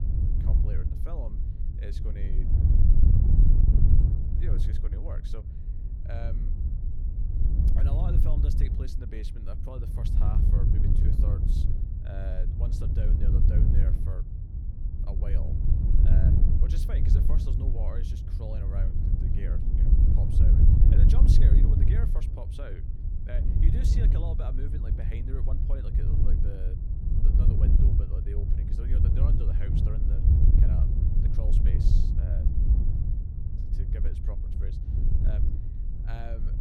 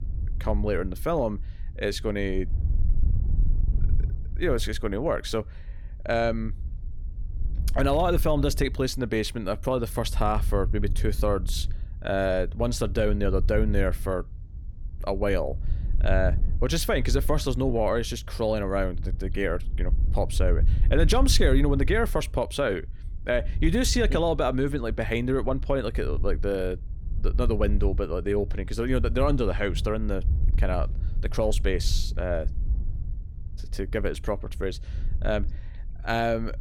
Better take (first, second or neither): second